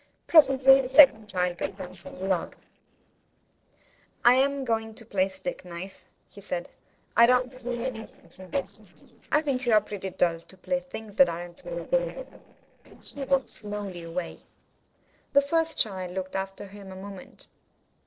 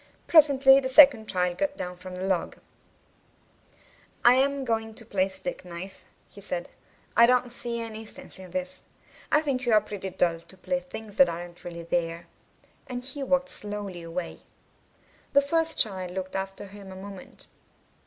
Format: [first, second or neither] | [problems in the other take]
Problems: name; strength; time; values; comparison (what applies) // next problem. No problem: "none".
second | noise reduction (neural separator model SepFormer DNS4)